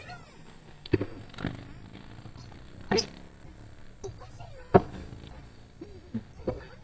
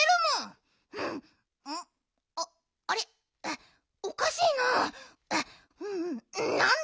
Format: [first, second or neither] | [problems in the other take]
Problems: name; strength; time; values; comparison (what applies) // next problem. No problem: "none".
second | noise reduction (neural mask model DeepFilterNet 3)